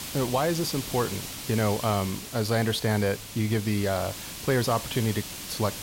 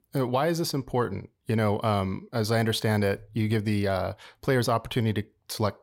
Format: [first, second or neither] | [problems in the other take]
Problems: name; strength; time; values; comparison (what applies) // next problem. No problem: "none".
second | hiss; loud; throughout; 8 dB below the speech